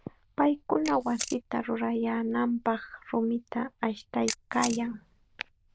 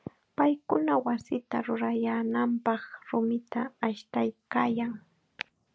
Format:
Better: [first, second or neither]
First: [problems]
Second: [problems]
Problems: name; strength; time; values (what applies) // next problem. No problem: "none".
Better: second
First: noise reduction (neural diffusion model UNIVERSE++)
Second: none